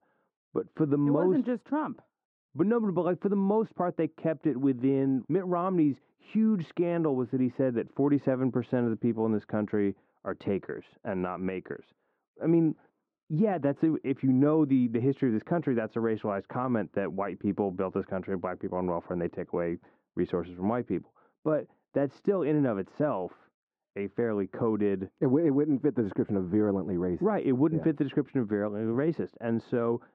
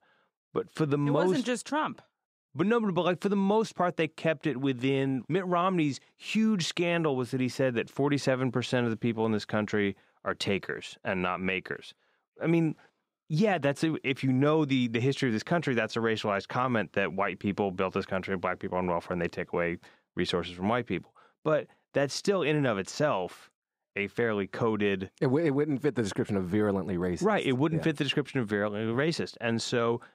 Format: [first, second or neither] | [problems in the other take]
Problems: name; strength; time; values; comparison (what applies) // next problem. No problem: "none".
second | muffled; very; fading above 3.5 kHz